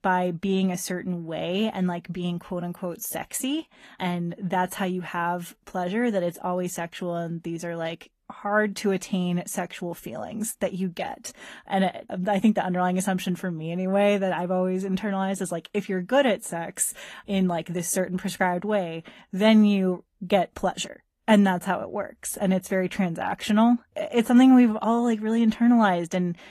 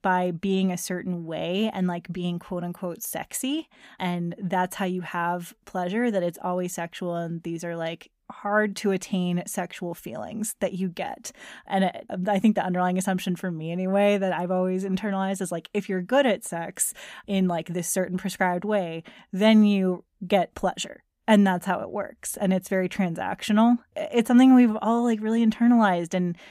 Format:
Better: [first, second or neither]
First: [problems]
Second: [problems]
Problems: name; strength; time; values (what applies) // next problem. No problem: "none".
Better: second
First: garbled, watery; slightly; nothing above 12.5 kHz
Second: none